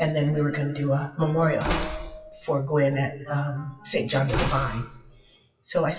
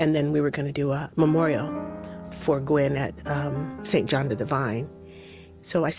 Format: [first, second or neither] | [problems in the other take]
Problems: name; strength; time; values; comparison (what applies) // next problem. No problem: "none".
second | noise reduction (classical method WPE with log-MMSE)